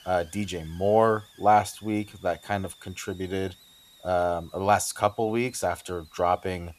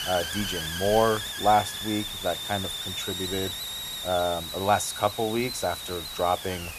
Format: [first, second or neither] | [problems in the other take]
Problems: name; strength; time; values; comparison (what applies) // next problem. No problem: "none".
first | hiss; loud; throughout; 4 dB below the speech; faint in the first